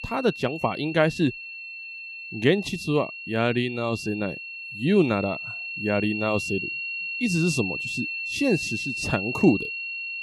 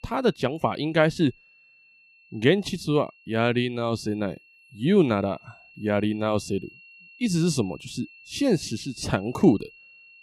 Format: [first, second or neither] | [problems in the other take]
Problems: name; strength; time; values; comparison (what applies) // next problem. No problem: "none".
second | high-pitched whine; loud; throughout; 2.5 kHz, 5 dB below the speech; faint in the second